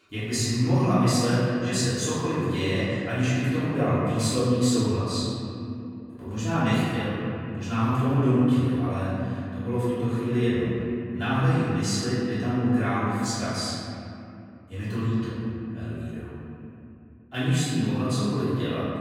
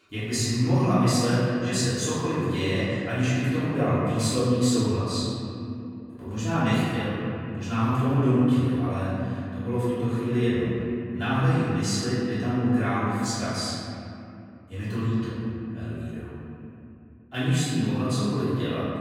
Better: neither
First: room echo; strong; dies away in 2.8 s // off-mic speech; far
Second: room echo; strong; dies away in 2.8 s // off-mic speech; far

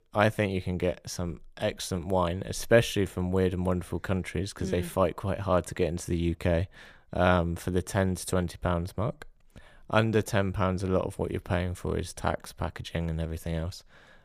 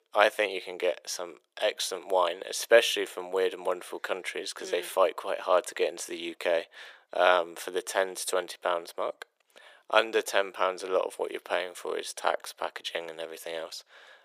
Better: first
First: none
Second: thin; very; fading below 400 Hz

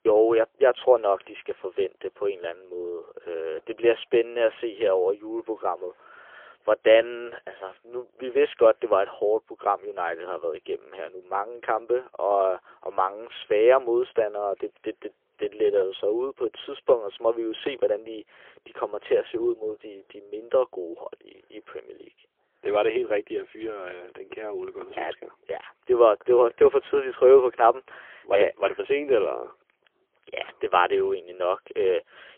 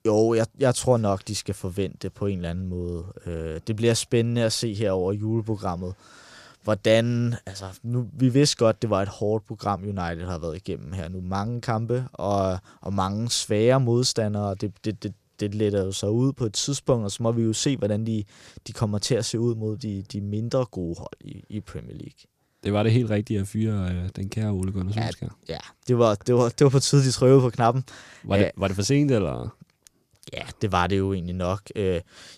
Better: second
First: phone-call audio; poor line; nothing above 3.5 kHz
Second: none

